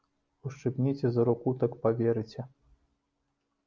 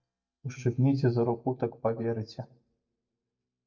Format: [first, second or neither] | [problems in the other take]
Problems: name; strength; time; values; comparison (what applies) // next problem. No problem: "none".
first | noise reduction (neural mask model DeepFilterNet 3)